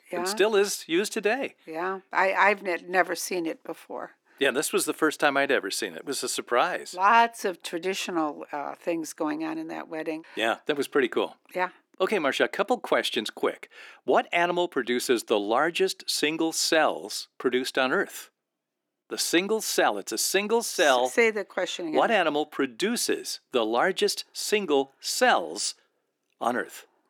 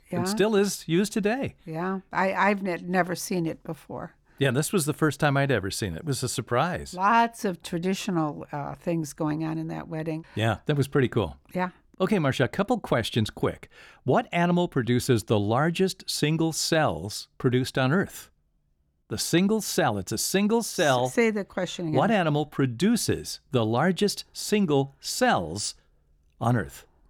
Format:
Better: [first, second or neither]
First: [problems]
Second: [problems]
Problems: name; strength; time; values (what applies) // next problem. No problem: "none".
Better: second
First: thin; somewhat; fading below 300 Hz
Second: none